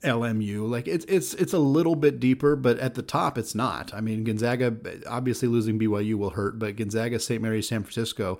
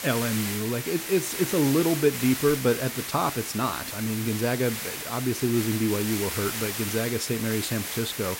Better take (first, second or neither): first